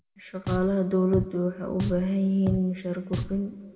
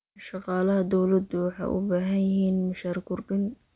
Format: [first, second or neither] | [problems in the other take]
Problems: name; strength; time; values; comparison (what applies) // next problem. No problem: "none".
second | background sound (Drum); 9 dB below the speech // room echo; dies away in 1.6 s